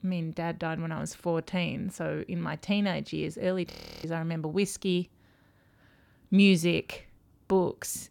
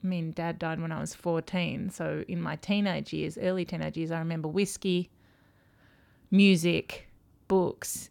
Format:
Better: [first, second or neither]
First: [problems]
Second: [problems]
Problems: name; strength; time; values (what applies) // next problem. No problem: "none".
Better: second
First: audio freezing; at 3.5 s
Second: none